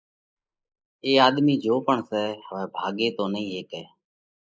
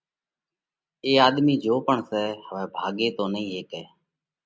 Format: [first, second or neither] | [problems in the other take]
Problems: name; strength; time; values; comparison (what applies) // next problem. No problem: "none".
second | noise reduction (neural mask model Resemble Enhance denoiser)